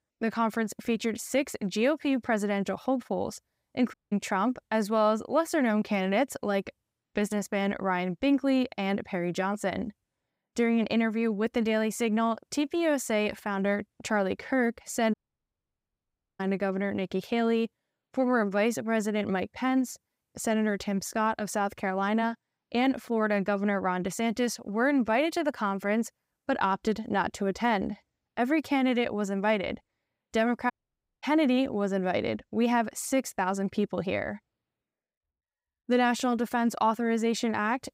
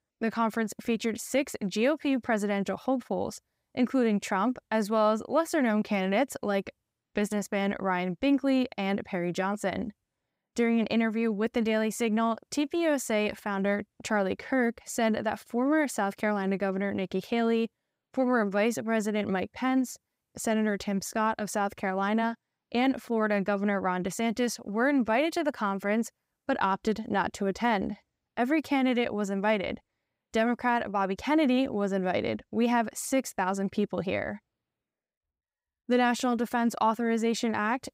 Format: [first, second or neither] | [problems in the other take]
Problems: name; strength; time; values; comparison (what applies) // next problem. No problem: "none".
second | audio cutting out; at 4 s, at 15 s for 1.5 s and at 31 s for 0.5 s